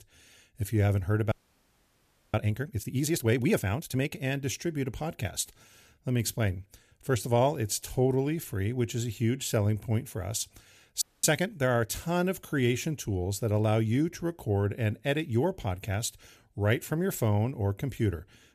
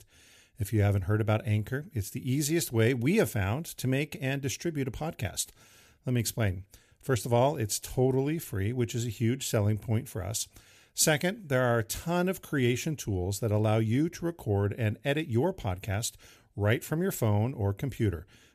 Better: second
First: audio freezing; at 1.5 s for 1 s and at 11 s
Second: none

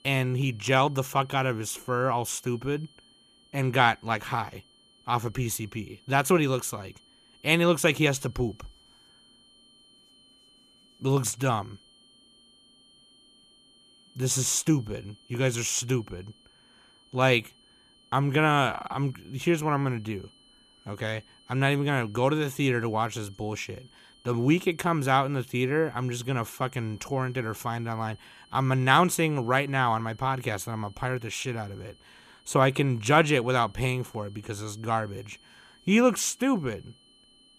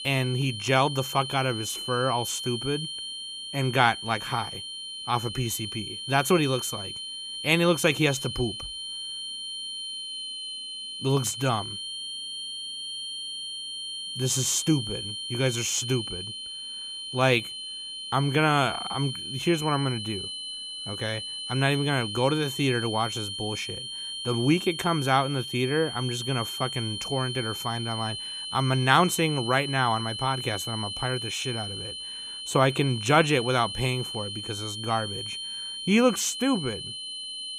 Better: first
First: high-pitched whine; faint; throughout; 3 kHz, 30 dB below the speech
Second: high-pitched whine; loud; throughout; 3 kHz, 6 dB below the speech

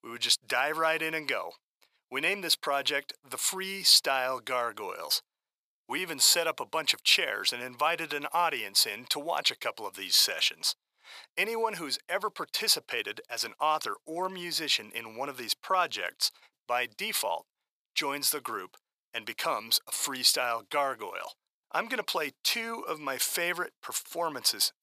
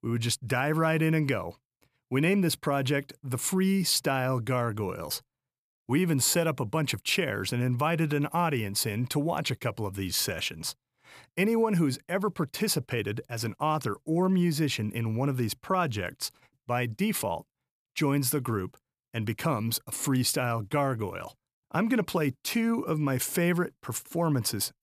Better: second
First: thin; very; fading below 700 Hz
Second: none

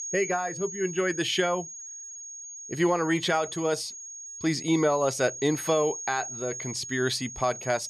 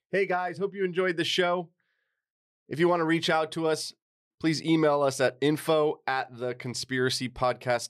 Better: second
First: high-pitched whine; loud; throughout; 6.5 kHz, 9 dB below the speech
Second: none

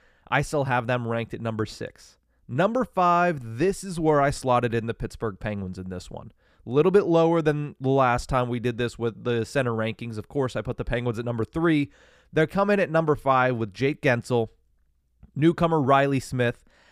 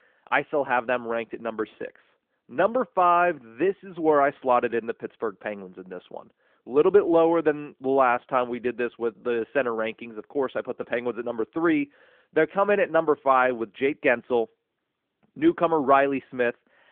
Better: first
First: none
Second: phone-call audio

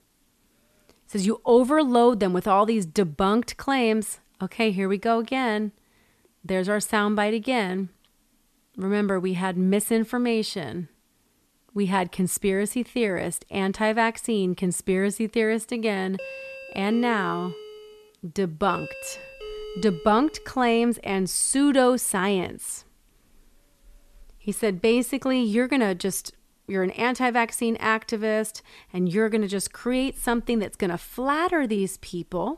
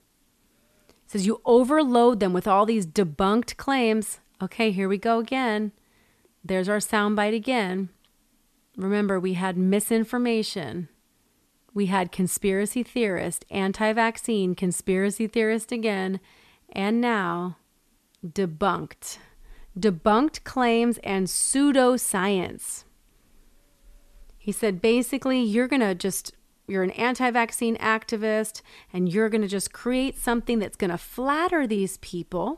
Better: second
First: doorbell; faint; from 16 to 21 s; peak 10 dB below the speech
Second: none

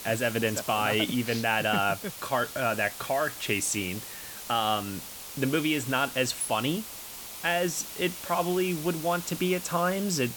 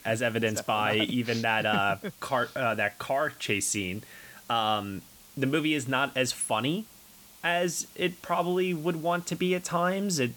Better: second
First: hiss; loud; throughout; 10 dB below the speech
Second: hiss; faint; throughout; 20 dB below the speech

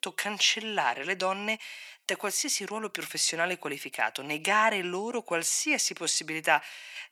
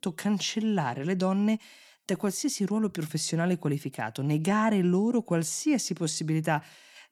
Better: second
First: thin; very; fading below 650 Hz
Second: none

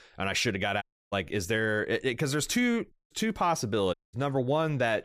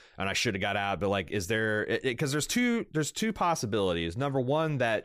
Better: second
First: audio cutting out; at 1 s, at 3 s and at 4 s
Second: none

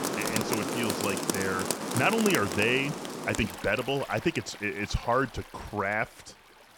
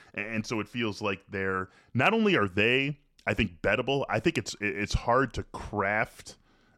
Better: second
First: rain or running water; loud; throughout; 3 dB below the speech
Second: none

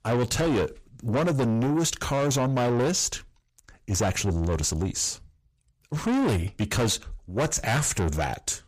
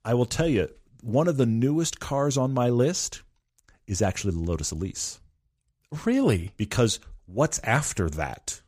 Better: second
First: distortion; heavy; 6 dB below the speech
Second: none

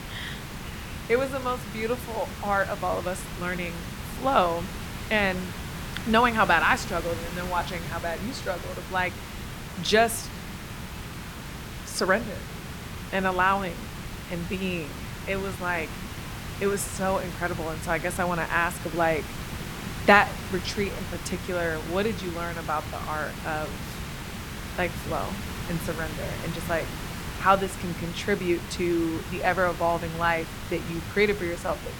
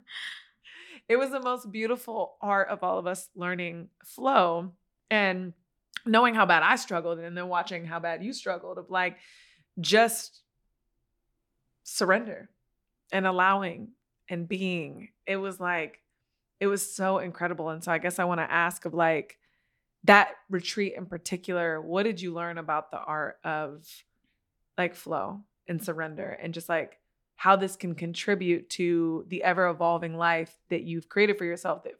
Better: second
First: hiss; loud; throughout; 9 dB below the speech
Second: none

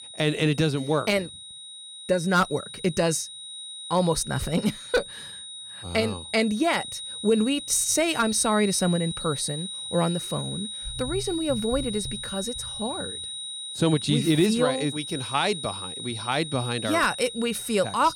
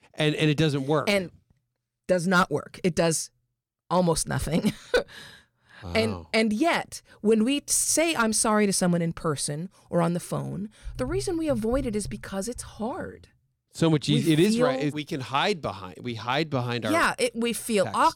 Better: second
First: high-pitched whine; loud; throughout; 4 kHz, 9 dB below the speech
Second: none

